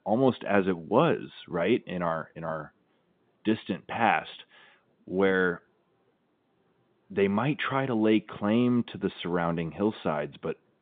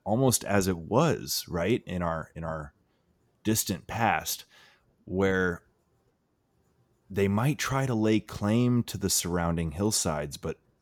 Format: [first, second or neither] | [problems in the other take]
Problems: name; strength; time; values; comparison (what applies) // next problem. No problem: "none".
second | phone-call audio; nothing above 3.5 kHz